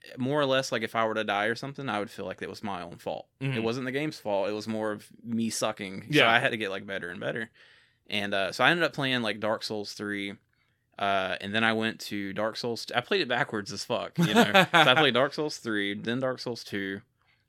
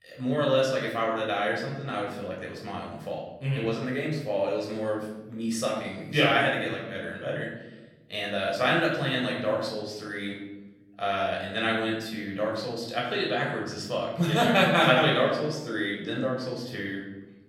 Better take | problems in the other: first | room echo; noticeable; dies away in 1 s // off-mic speech; far

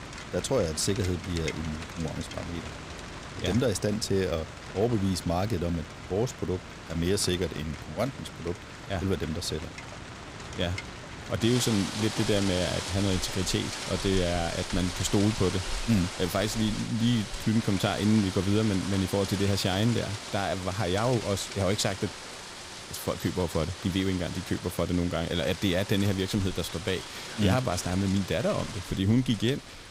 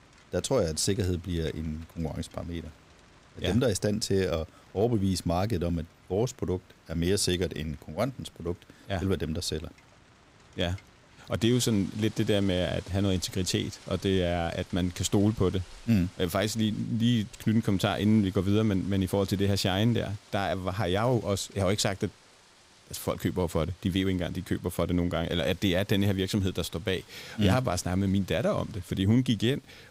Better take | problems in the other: second | rain or running water; loud; throughout; 9 dB below the speech; faint in the second

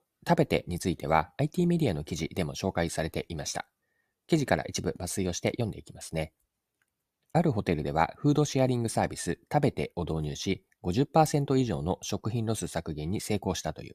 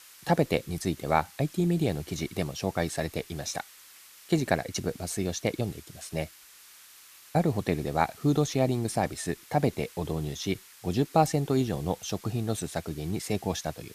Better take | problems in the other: first | hiss; noticeable; throughout; 20 dB below the speech

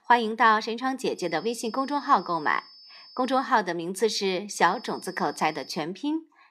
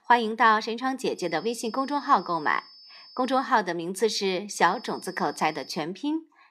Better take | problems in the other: neither | high-pitched whine; faint; from 1 to 3.5 s and from 4.5 to 6 s; 5 kHz, 20 dB below the speech; the same in both

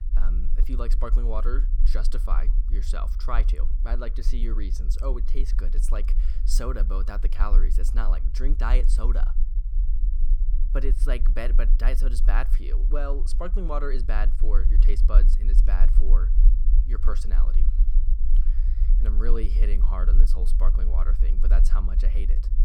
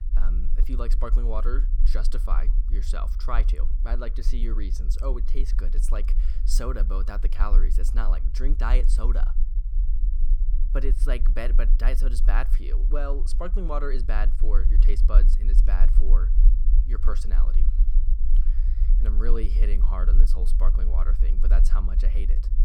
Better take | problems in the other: neither | low rumble; noticeable; throughout; 10 dB below the speech; the same in both

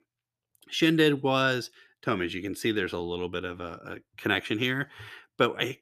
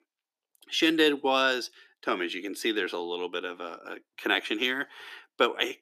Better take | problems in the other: first | thin; very slightly; fading below 250 Hz

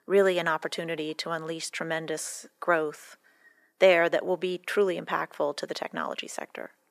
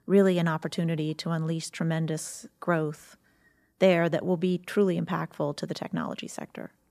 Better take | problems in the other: second | thin; very; fading below 450 Hz

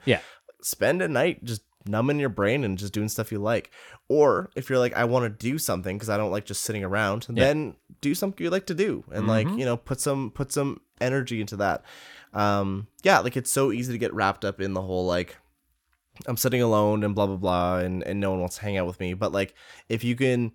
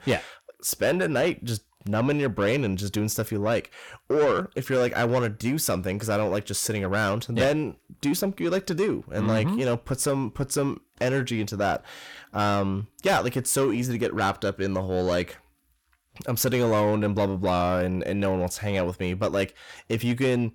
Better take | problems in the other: first | distortion; slight; 10 dB below the speech

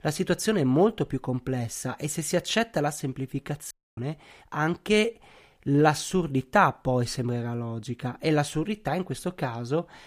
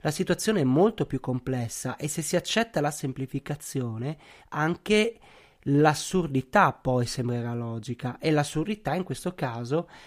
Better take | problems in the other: second | audio cutting out; at 3.5 s

